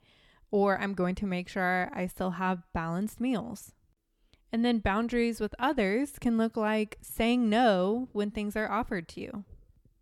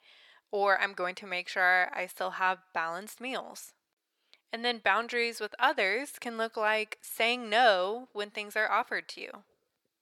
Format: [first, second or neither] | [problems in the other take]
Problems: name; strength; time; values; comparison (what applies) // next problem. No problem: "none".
first | thin; very; fading below 650 Hz